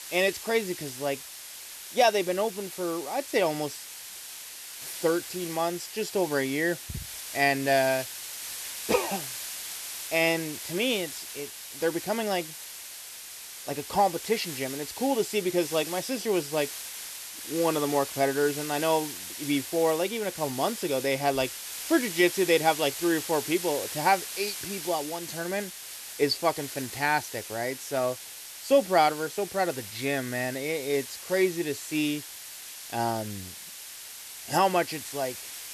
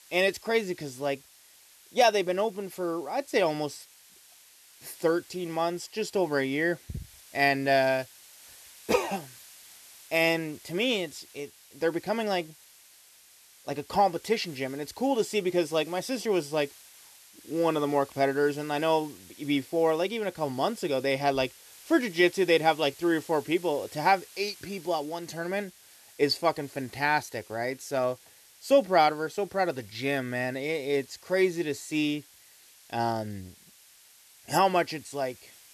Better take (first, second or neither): second